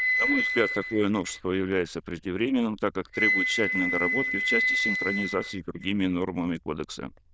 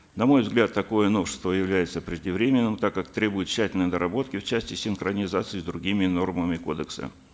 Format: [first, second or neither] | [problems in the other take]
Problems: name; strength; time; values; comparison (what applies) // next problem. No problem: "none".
second | noise reduction (neural diffusion model UNIVERSE++)